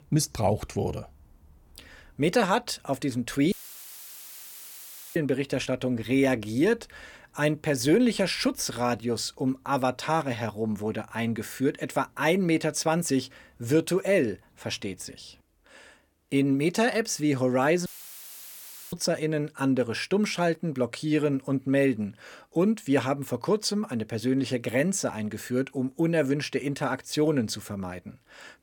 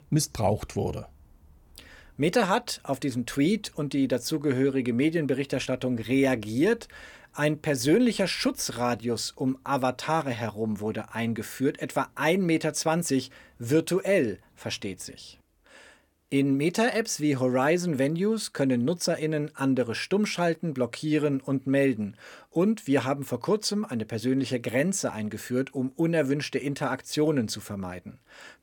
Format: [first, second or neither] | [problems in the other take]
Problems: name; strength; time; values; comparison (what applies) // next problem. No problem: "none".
second | audio cutting out; filled with static; at 3.5 s for 1.5 s and at 18 s for 1 s